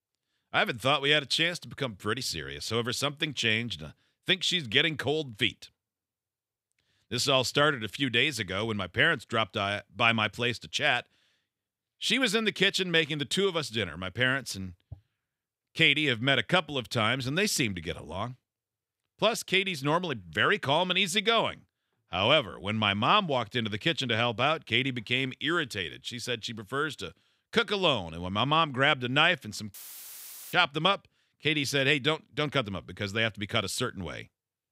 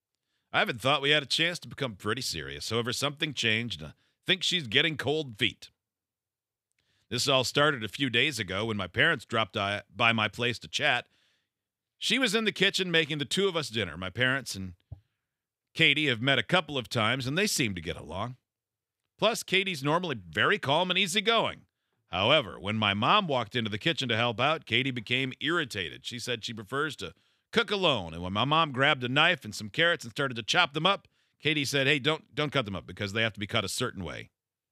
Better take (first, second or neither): second